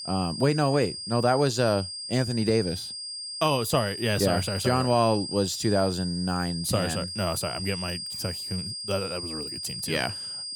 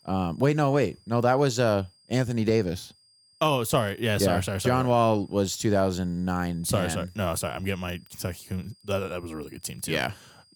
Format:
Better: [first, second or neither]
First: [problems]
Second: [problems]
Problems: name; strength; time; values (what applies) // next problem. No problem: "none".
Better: second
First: high-pitched whine; loud; throughout; 5 kHz, 6 dB below the speech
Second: high-pitched whine; faint; throughout; 5 kHz, 30 dB below the speech